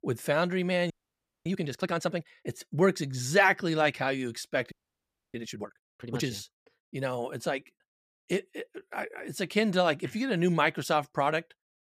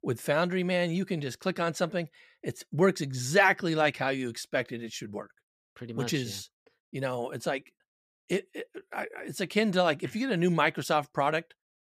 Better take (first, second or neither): second